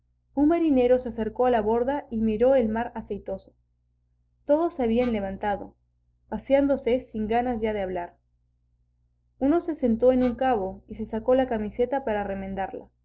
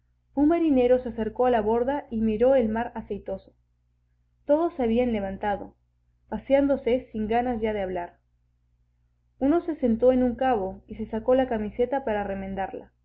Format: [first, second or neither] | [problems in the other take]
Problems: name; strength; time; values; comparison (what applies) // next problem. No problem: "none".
second | noise reduction (neural separator model SepFormer DNS4)